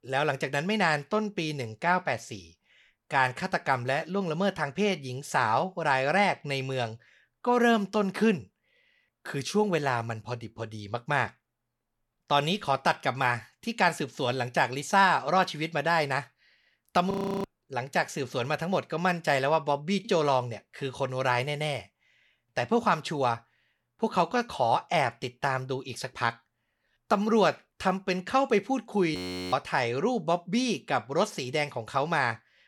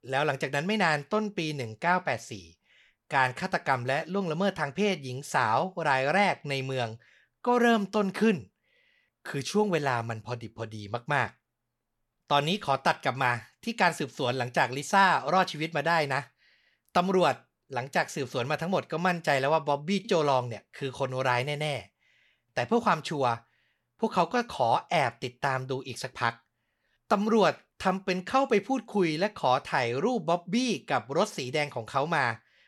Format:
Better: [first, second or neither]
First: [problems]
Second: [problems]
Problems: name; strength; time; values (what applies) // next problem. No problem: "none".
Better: second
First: audio freezing; at 17 s and at 29 s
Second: none